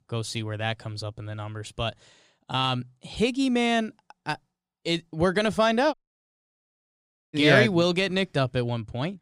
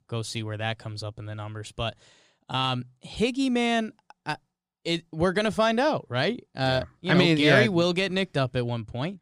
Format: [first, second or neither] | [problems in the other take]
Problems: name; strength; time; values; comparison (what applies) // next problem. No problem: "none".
second | audio cutting out; at 6 s for 1.5 s